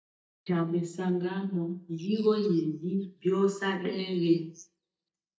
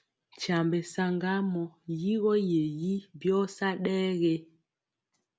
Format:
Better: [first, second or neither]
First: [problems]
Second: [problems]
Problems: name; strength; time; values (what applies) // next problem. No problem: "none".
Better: second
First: noise reduction (neural mask model DeepFilterNet 3)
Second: none